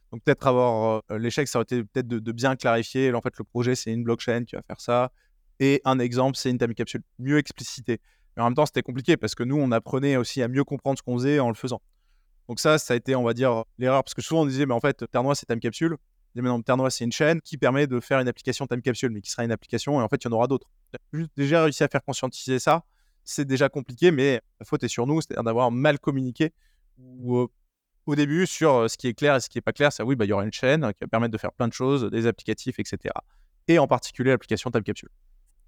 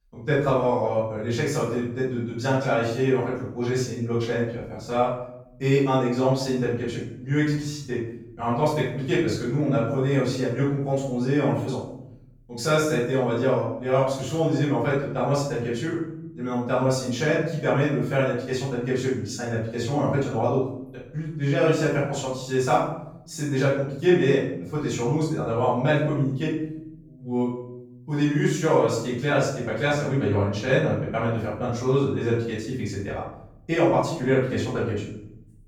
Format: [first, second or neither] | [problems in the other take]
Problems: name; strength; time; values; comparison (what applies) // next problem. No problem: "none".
first | room echo; noticeable; dies away in 0.7 s // off-mic speech; far